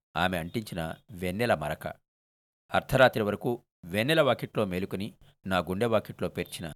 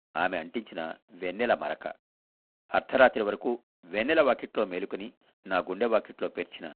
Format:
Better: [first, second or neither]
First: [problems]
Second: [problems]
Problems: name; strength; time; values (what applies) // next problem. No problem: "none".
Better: first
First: none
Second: phone-call audio; poor line